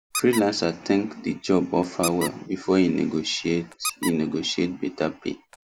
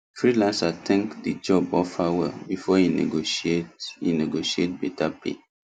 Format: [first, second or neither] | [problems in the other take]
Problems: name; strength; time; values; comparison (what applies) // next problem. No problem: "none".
second | background sound (Squeak); 13 dB below the speech